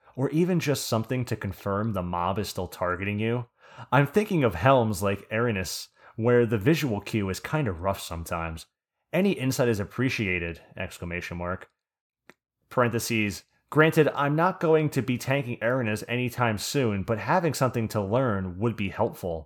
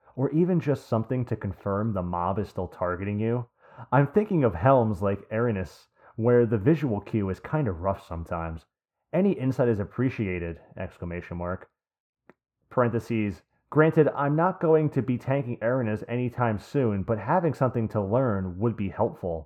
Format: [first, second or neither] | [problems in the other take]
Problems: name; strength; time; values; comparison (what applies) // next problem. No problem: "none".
first | muffled; very; fading above 2.5 kHz